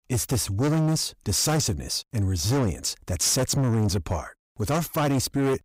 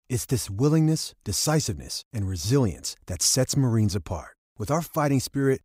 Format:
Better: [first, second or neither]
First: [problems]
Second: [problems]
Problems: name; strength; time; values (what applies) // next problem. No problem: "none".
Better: second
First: distortion; heavy; 7 dB below the speech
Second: none